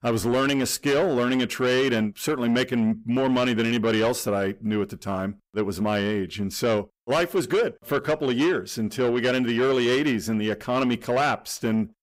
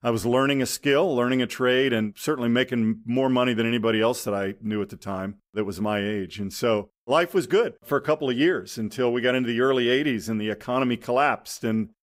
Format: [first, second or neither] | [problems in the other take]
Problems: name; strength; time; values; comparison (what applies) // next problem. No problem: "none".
second | distortion; slight; 10 dB below the speech